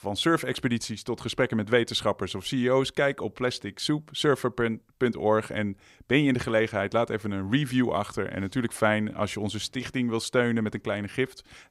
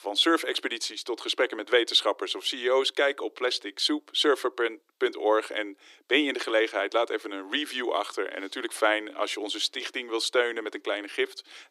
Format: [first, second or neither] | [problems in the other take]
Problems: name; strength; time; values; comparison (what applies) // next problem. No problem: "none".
first | thin; somewhat; fading below 300 Hz